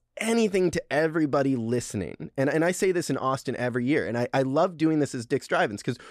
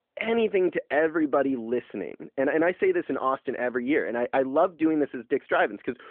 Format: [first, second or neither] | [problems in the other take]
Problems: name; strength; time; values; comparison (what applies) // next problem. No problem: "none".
first | phone-call audio